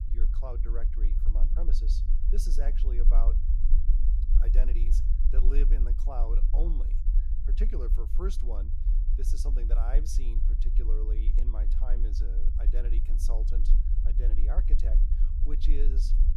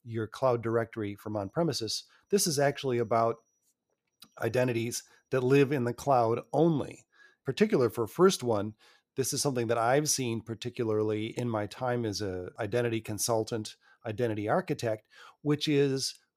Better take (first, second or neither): second